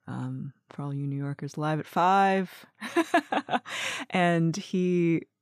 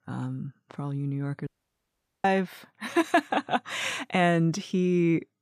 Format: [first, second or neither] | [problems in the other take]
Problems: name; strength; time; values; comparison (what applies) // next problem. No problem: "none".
first | audio cutting out; at 1.5 s for 1 s